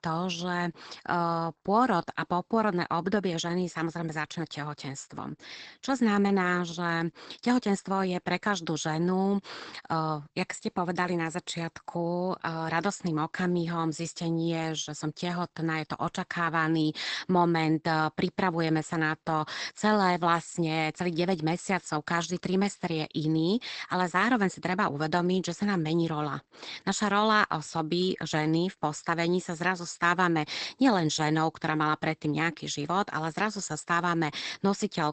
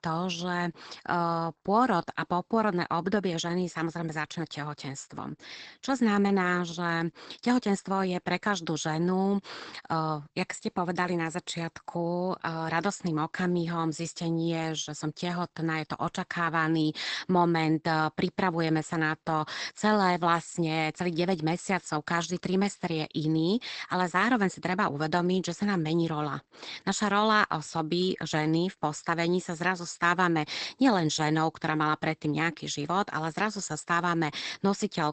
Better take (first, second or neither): neither